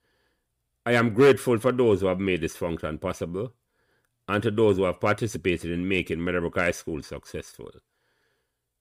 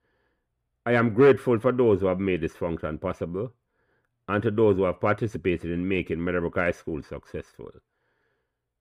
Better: first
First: none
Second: muffled; slightly; fading above 3 kHz

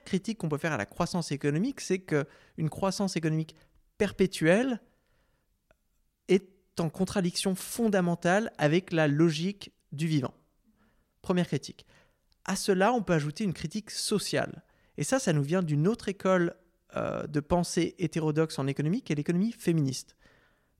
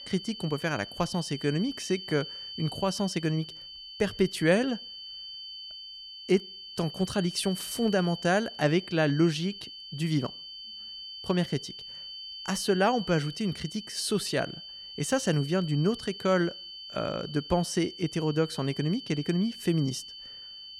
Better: first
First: none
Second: high-pitched whine; noticeable; throughout; 3 kHz, 10 dB below the speech

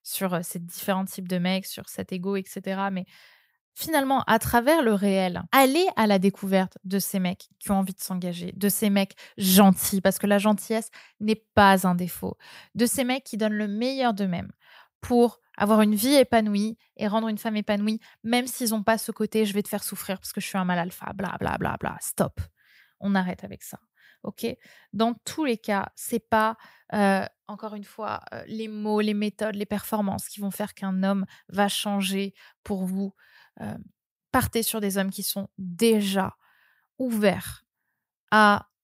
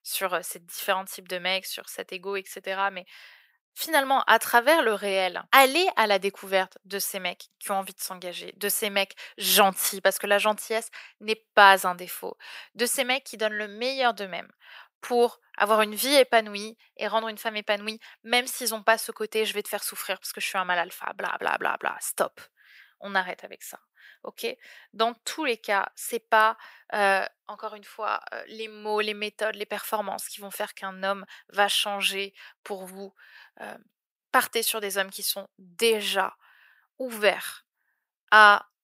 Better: first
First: none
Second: thin; very; fading below 350 Hz

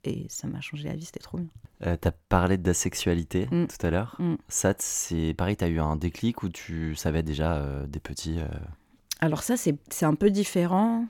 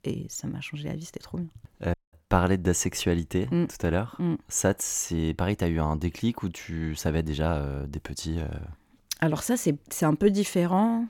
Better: first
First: none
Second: audio cutting out; at 2 s

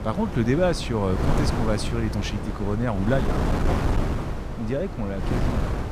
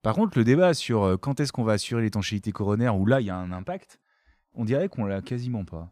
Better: second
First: wind noise on the microphone; heavy; 3 dB below the speech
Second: none

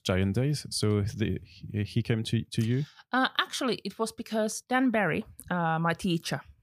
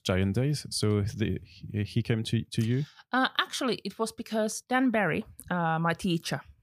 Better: neither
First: none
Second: none

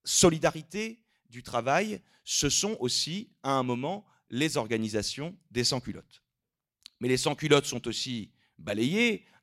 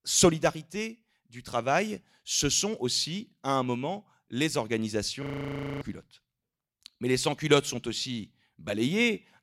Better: first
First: none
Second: audio freezing; at 5 s for 0.5 s

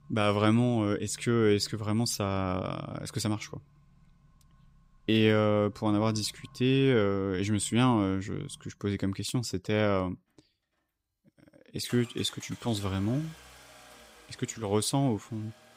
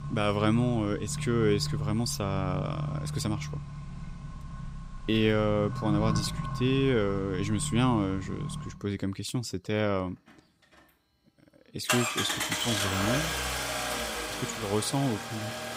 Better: first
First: traffic noise; faint; throughout; 25 dB below the speech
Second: traffic noise; loud; throughout; 4 dB below the speech

